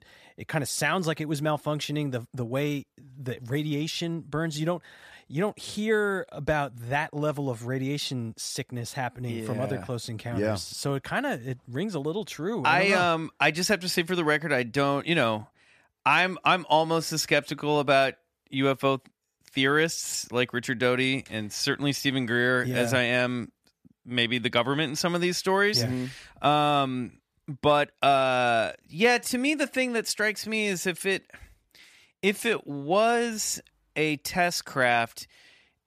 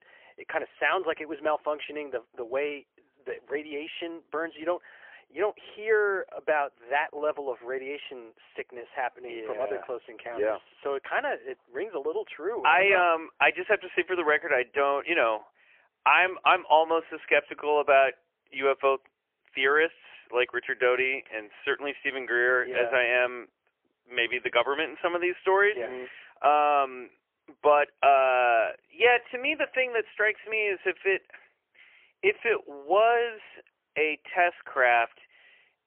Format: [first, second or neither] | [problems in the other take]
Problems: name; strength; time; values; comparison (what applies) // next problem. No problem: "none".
first | phone-call audio; poor line; nothing above 3 kHz